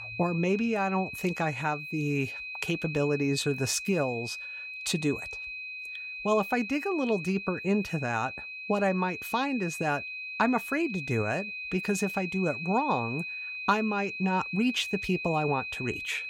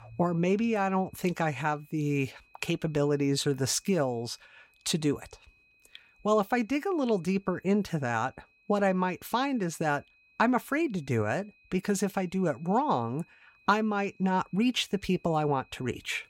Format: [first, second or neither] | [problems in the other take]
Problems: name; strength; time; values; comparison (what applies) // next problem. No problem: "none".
second | high-pitched whine; loud; throughout; 2.5 kHz, 6 dB below the speech; faint in the second